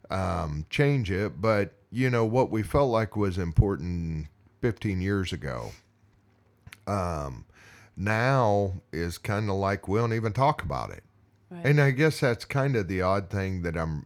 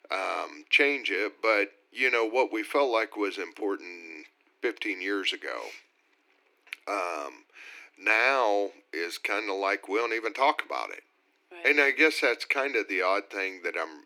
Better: first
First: none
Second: thin; very; fading below 300 Hz

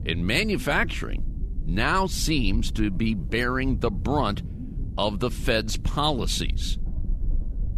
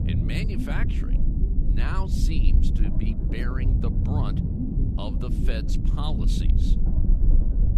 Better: first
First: low rumble; faint; throughout; 20 dB below the speech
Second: low rumble; loud; throughout; 1 dB below the speech

